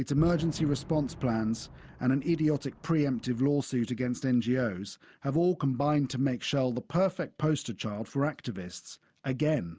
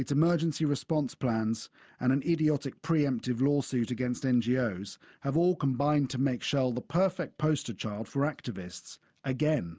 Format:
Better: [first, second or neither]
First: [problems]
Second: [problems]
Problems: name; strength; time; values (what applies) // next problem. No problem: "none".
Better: second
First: background sound (Fireworks); 14 dB below the speech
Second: none